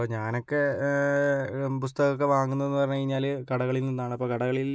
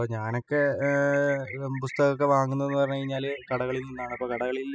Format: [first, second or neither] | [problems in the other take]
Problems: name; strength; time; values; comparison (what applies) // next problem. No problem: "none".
first | noise reduction (classical method spectral subtraction)